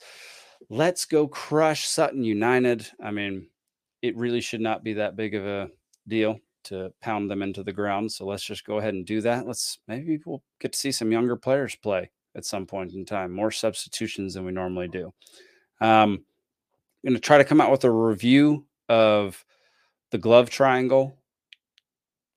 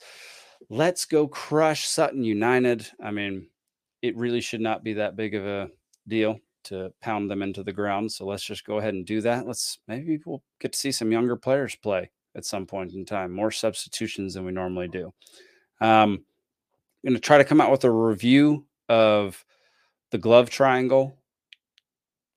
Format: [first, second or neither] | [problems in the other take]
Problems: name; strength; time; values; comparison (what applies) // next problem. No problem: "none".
neither | none